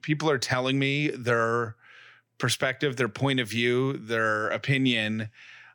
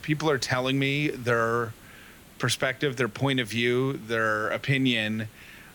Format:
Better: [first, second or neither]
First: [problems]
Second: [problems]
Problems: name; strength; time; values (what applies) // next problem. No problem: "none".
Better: first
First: none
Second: hiss; faint; throughout; 25 dB below the speech